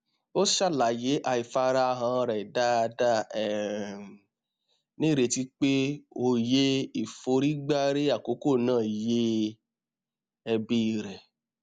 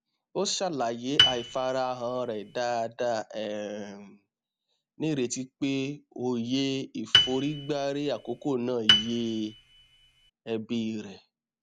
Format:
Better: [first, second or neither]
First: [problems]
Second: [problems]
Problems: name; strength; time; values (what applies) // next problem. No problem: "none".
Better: first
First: none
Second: background sound (Piano); 3 dB above the speech